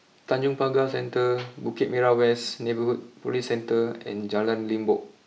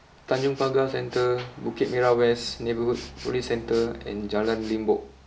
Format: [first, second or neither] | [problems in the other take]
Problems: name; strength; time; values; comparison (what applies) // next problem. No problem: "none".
first | background sound (Respiratory sounds + Truck); 18 dB below the speech